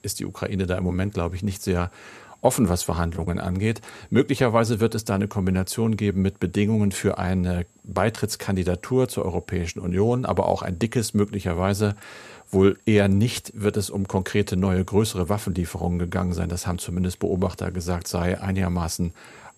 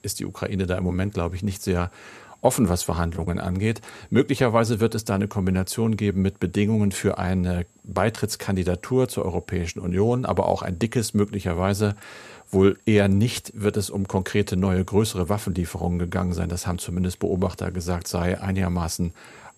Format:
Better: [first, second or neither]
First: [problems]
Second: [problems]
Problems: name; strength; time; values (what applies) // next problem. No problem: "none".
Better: neither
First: high-pitched whine; faint; throughout; 7.5 kHz, 35 dB below the speech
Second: high-pitched whine; faint; throughout; 7.5 kHz, 35 dB below the speech